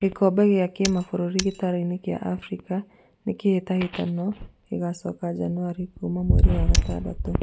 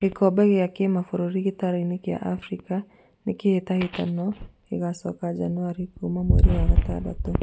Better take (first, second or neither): second